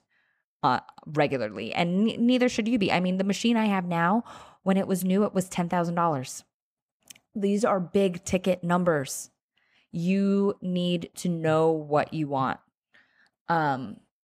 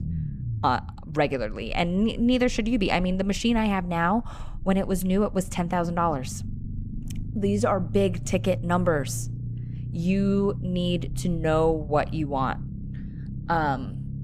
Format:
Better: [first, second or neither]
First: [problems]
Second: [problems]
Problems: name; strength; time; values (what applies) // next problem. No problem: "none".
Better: first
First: none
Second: low rumble; faint; throughout; 20 dB below the speech